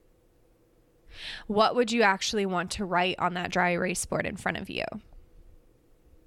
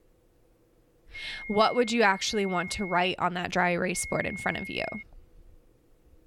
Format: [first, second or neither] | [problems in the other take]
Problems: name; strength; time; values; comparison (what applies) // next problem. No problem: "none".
first | high-pitched whine; noticeable; from 1 to 3 s and from 4 to 5 s; 2 kHz, 10 dB below the speech